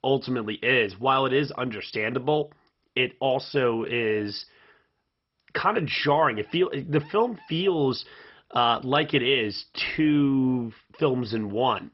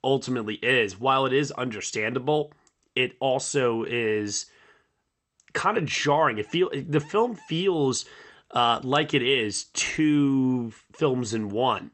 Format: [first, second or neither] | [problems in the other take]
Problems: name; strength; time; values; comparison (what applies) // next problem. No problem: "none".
second | garbled, watery; badly; nothing above 5.5 kHz; slightly in the second